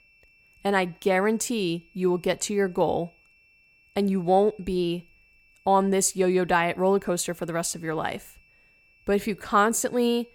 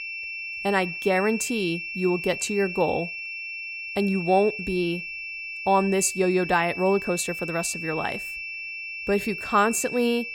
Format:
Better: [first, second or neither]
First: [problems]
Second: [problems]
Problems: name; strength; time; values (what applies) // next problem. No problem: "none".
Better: first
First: high-pitched whine; faint; throughout; 2.5 kHz, 35 dB below the speech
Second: high-pitched whine; loud; throughout; 2.5 kHz, 7 dB below the speech